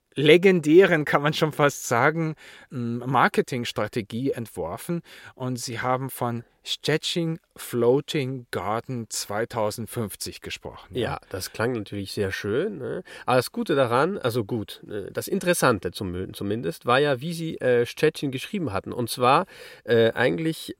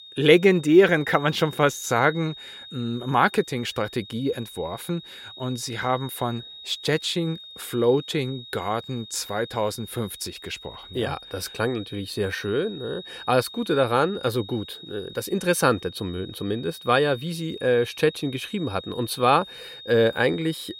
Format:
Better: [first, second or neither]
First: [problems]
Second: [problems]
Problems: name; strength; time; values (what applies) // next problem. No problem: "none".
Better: first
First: none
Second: high-pitched whine; noticeable; throughout; 3.5 kHz, 15 dB below the speech